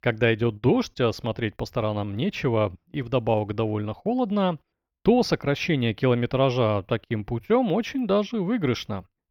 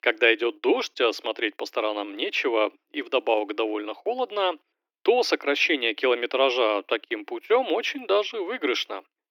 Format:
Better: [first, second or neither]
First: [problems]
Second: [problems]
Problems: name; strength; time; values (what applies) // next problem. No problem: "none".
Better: first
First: none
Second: thin; very; fading below 300 Hz